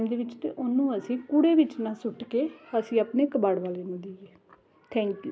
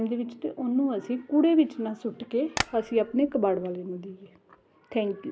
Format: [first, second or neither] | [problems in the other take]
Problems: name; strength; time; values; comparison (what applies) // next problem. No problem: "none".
first | background sound (Tap); 8 dB below the speech